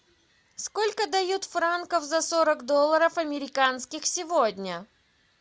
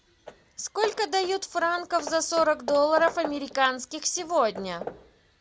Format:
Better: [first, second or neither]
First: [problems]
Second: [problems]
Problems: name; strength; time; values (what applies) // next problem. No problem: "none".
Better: first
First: none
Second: background sound (Hammer / Wood); 13 dB below the speech